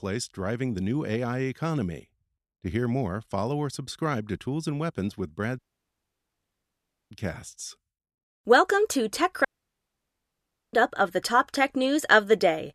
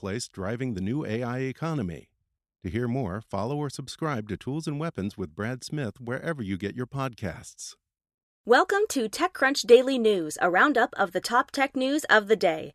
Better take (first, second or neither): second